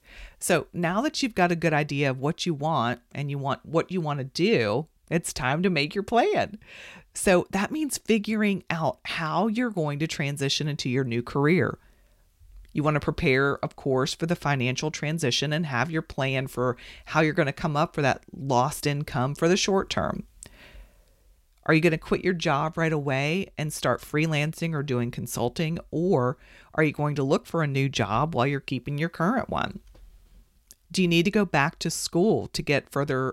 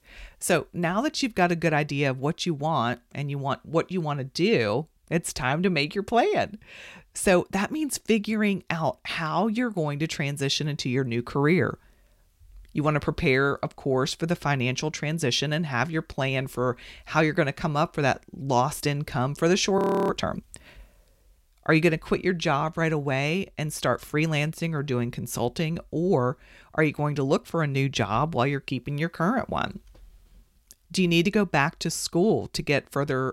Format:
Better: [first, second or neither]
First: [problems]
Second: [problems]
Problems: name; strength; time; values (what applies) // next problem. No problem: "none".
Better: first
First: none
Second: audio freezing; at 20 s